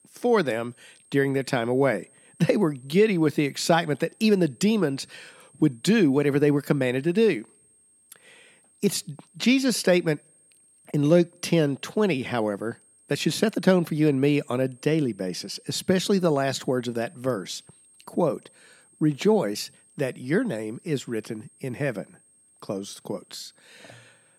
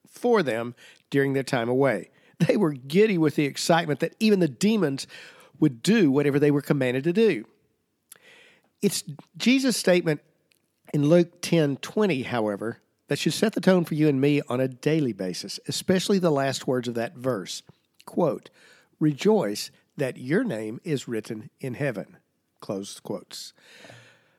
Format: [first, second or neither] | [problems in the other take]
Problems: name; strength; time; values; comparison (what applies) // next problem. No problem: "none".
second | high-pitched whine; faint; throughout; 8.5 kHz, 30 dB below the speech